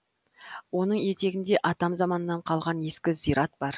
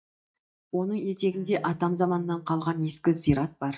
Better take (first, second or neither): first